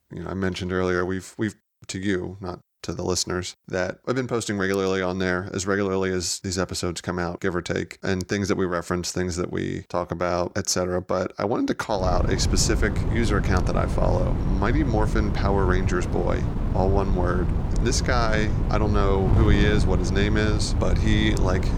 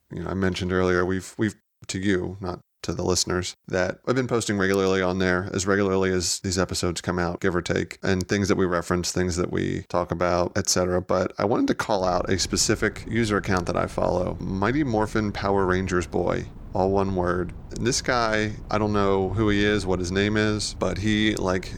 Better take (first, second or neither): second